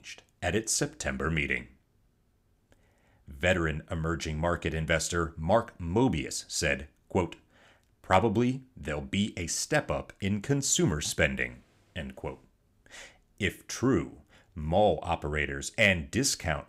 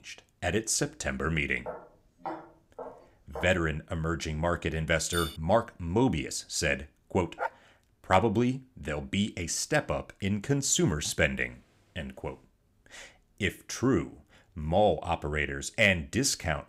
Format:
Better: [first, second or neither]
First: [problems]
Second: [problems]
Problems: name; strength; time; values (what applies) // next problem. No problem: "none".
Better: first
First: none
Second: footsteps; faint; from 1.5 to 3.5 s; peak 10 dB below the speech // clattering dishes; noticeable; at 5 s; peak 7 dB below the speech // dog barking; noticeable; at 7.5 s; peak 8 dB below the speech